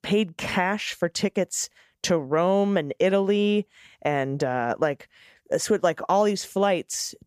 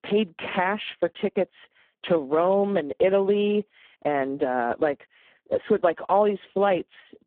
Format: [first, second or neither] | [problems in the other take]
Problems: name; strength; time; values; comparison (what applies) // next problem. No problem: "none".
first | phone-call audio; poor line